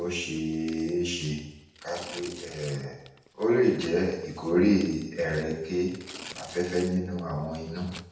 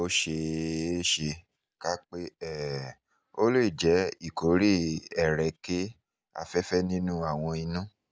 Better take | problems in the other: second | background sound (Tearing); 19 dB below the speech // room echo; dies away in 0.8 s

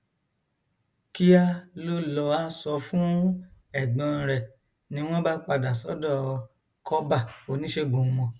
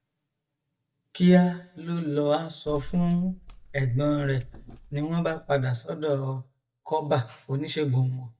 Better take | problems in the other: first | noise reduction (neural mask model DeepFilterNet 3)

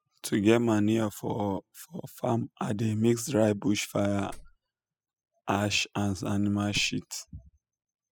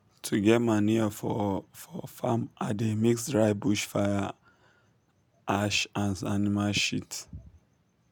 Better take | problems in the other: second | noise reduction (classical method spectral subtraction)

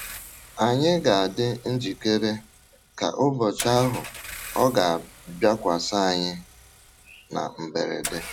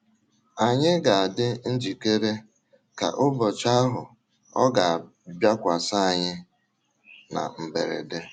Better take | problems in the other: second | background sound (Engine / Car); 16 dB below the speech

